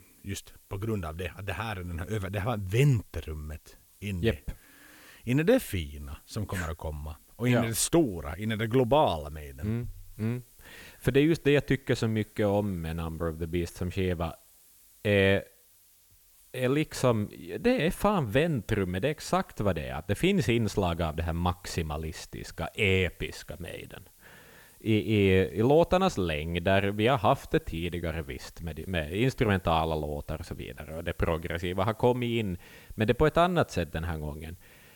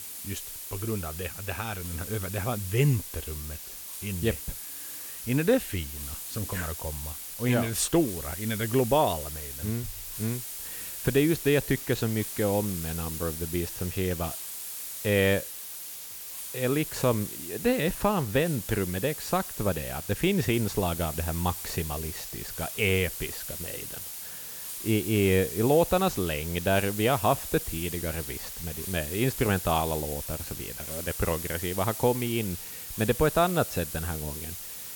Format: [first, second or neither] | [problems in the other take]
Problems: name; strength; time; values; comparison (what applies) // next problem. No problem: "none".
first | hiss; loud; throughout; 7 dB below the speech; faint in the first